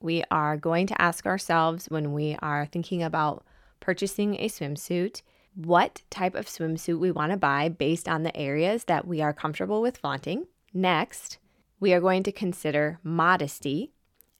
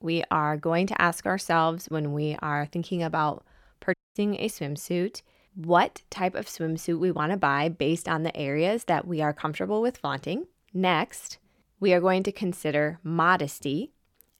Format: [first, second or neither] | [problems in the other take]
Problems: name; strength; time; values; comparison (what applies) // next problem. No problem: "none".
first | audio cutting out; at 4 s